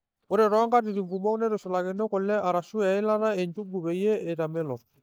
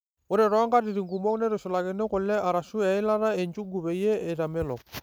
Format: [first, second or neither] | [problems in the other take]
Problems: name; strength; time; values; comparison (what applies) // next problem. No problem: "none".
second | noise reduction (neural mask model DeepFilterNet 3)